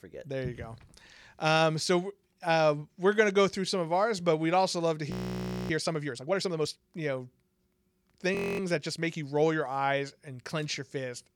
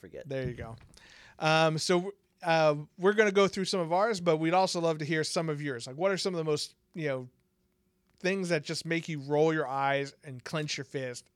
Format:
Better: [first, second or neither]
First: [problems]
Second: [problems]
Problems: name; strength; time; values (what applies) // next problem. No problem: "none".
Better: second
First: audio freezing; at 5 s for 0.5 s and at 8.5 s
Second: none